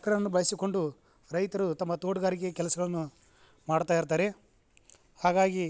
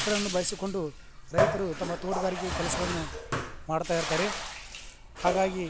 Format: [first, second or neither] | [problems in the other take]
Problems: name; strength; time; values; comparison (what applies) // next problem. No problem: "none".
first | background sound (Bathtub (filling or washing)); 1 dB below the speech